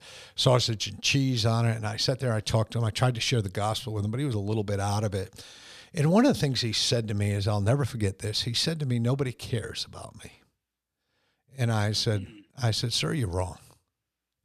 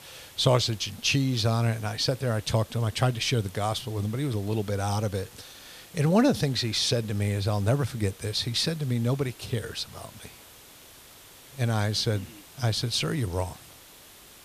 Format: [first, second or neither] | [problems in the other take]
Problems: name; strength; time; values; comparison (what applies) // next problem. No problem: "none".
first | hiss; faint; throughout; 20 dB below the speech